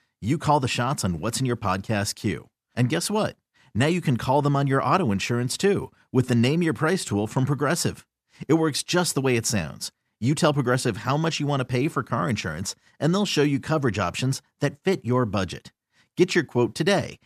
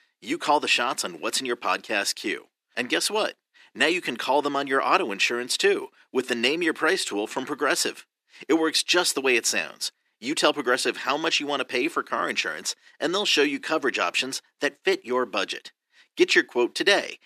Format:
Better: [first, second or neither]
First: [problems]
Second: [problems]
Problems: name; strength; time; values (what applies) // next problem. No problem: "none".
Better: first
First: none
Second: thin; somewhat; fading below 350 Hz